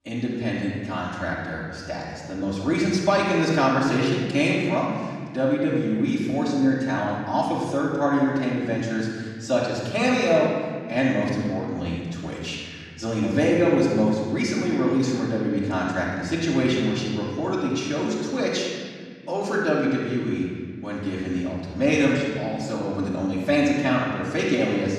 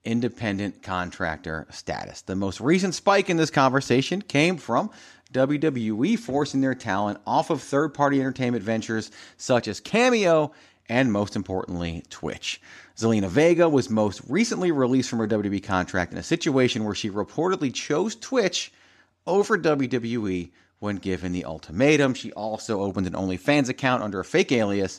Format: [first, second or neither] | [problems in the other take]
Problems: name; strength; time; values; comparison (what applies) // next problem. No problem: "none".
second | room echo; noticeable; dies away in 1.8 s // off-mic speech; far